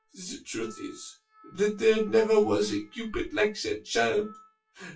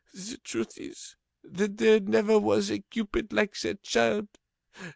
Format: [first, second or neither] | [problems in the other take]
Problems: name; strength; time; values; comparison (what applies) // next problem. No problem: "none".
second | noise reduction (classical method WPE with log-MMSE)